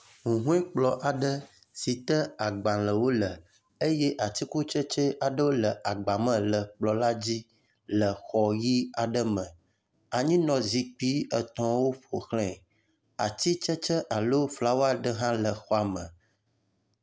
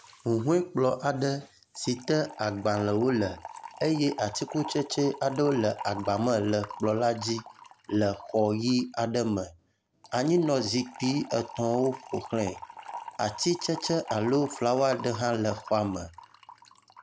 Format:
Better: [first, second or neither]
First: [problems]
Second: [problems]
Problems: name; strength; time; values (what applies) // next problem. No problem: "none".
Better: first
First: none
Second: background sound (Fill (with liquid) / Trickle, dribble); 16 dB below the speech